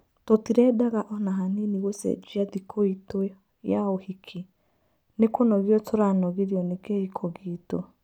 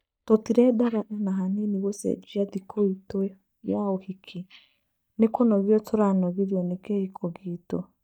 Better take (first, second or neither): first